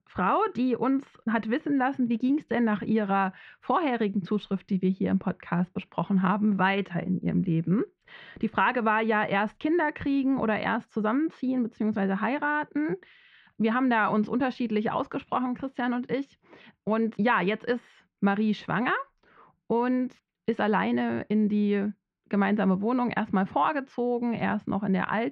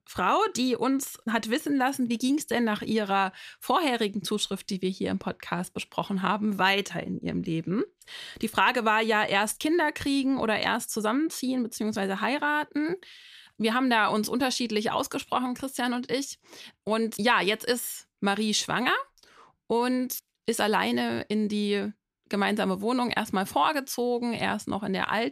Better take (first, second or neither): second